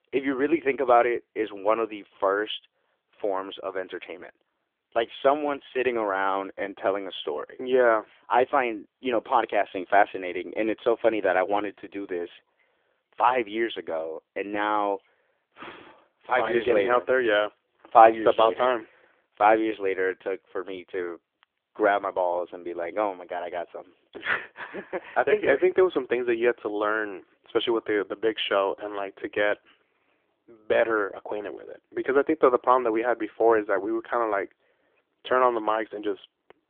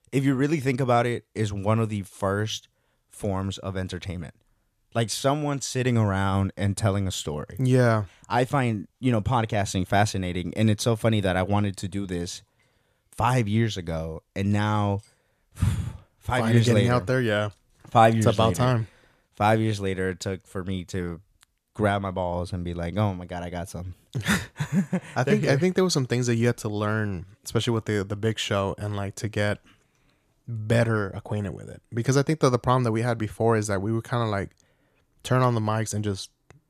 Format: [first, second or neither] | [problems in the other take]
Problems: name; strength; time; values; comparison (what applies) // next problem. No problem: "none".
second | phone-call audio; nothing above 3.5 kHz